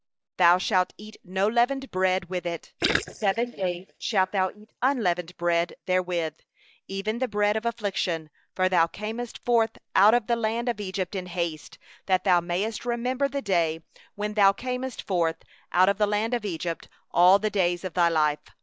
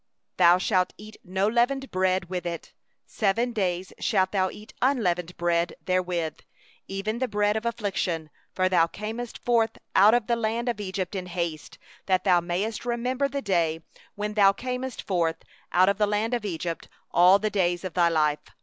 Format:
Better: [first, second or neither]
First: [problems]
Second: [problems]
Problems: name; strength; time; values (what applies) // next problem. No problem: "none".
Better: second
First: noise reduction (neural mask model DeepFilterNet 3)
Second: none